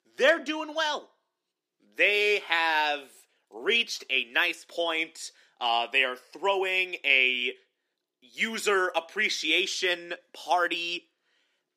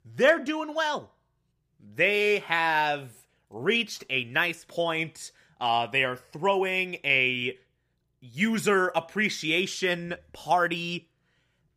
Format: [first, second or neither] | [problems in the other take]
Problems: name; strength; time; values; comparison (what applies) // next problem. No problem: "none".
second | thin; somewhat; fading below 250 Hz